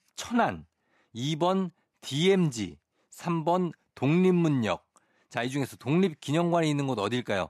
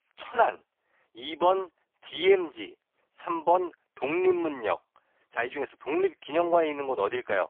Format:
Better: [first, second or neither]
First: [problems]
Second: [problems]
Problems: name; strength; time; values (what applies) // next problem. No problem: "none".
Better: first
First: none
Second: phone-call audio; poor line; nothing above 3.5 kHz